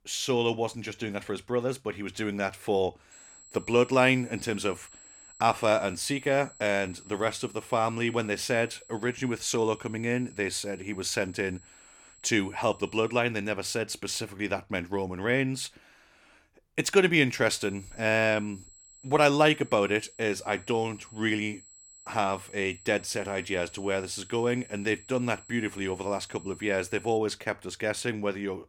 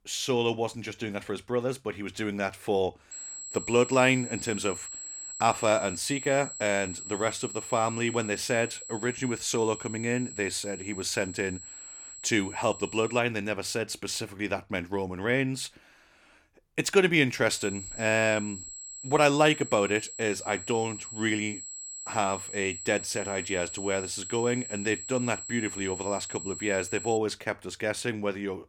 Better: first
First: high-pitched whine; faint; from 3 to 13 s and from 18 to 27 s; 7.5 kHz, 20 dB below the speech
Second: high-pitched whine; loud; from 3 to 13 s and from 18 to 27 s; 7.5 kHz, 10 dB below the speech

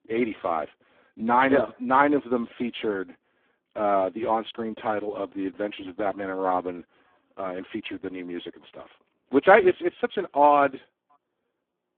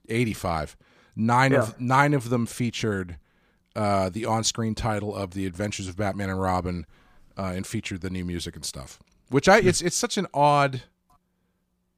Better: second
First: phone-call audio; poor line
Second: none

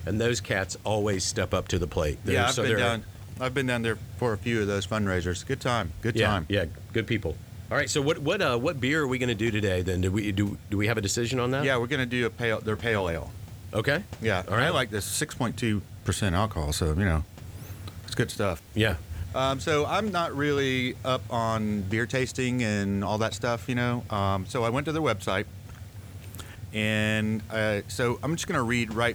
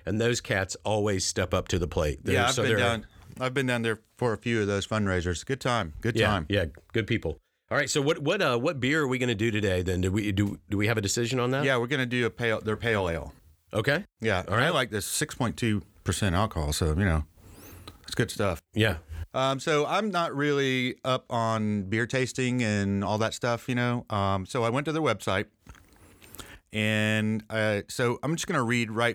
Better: second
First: hiss; noticeable; throughout; 15 dB below the speech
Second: none

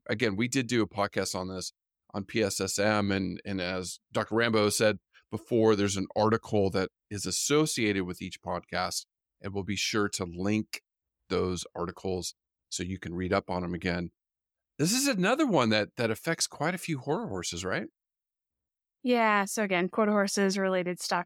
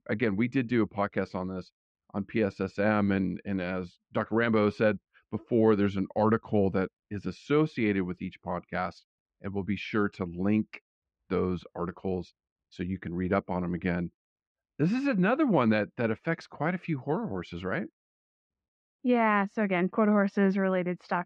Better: first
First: none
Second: muffled; very; fading above 2.5 kHz

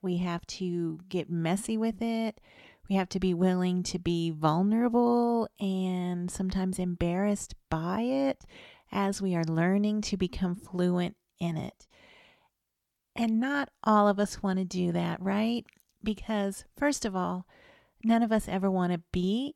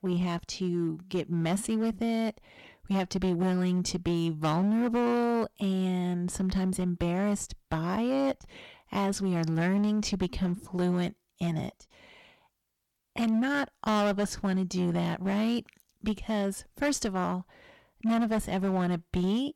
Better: first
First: none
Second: distortion; slight; 11% of the sound clipped

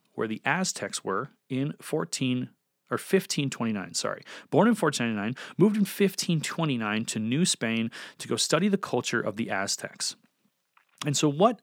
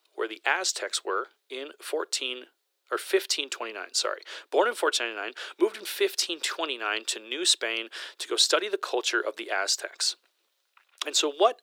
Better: first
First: none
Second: thin; very; fading below 350 Hz

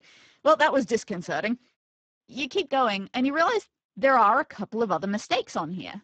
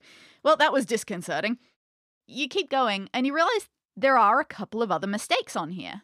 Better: second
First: garbled, watery; badly; nothing above 7.5 kHz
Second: none

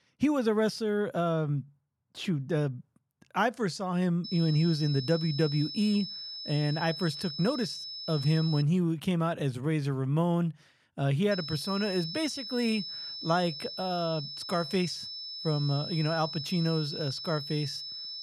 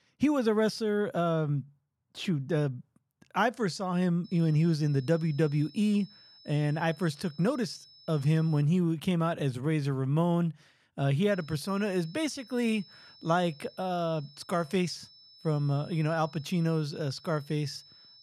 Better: second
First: high-pitched whine; loud; from 4 to 8.5 s and from 11 s on; 5 kHz, 7 dB below the speech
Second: high-pitched whine; faint; from 4 to 8.5 s and from 11 s on; 5 kHz, 25 dB below the speech

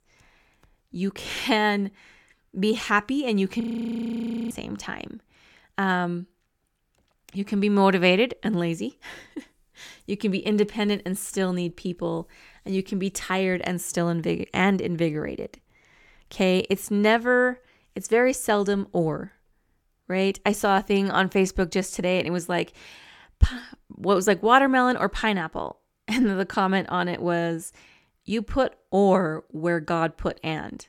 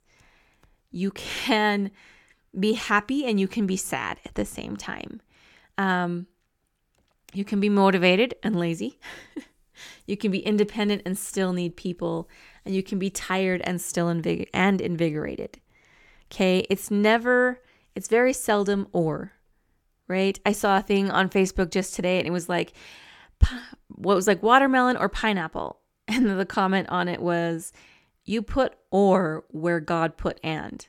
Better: second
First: audio freezing; at 3.5 s for 1 s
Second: none

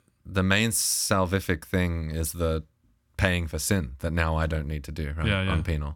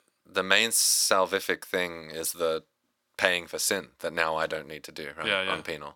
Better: first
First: none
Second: thin; very; fading below 500 Hz

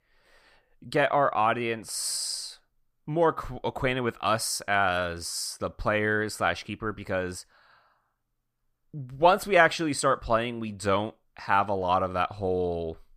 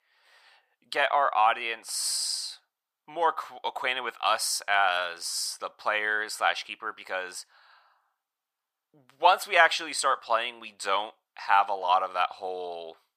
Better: first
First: none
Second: thin; very; fading below 750 Hz

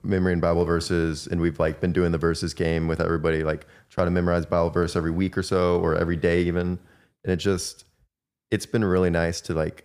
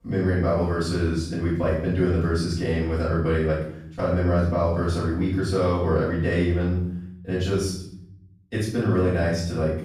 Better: first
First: none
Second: off-mic speech; far // room echo; noticeable; dies away in 0.8 s

